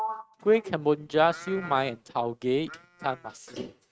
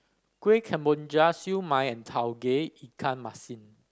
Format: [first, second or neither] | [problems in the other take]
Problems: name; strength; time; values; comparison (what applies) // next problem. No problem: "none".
second | noise reduction (neural mask model RNNoise)